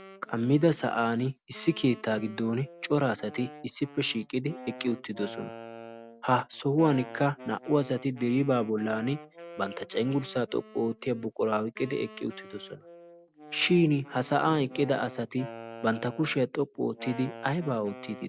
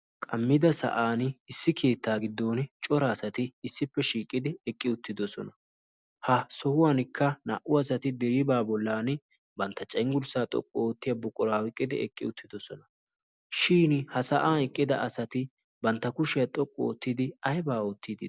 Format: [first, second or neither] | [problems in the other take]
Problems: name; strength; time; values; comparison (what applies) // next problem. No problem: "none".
second | background sound (Wind instrument, woodwind instrument); 17 dB below the speech